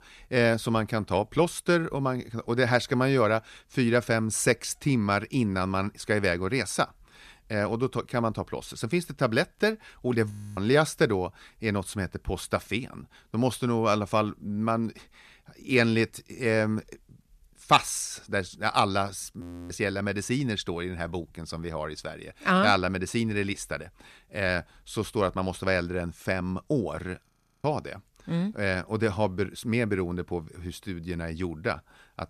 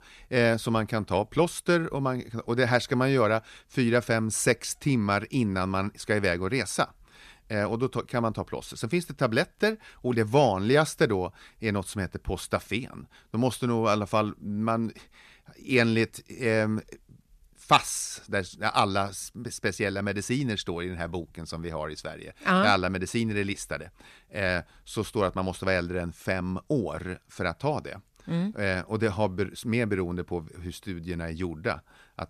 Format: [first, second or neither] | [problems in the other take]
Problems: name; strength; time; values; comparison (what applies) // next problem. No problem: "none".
second | audio freezing; at 10 s, at 19 s and at 27 s